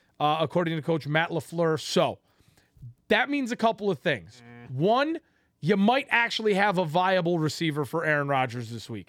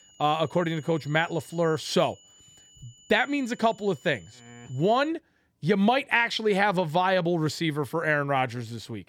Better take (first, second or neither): first